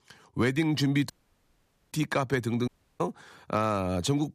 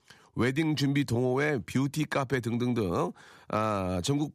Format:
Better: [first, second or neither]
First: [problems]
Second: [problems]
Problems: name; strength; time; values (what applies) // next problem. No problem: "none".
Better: second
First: audio cutting out; at 1 s for 1 s and at 2.5 s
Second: none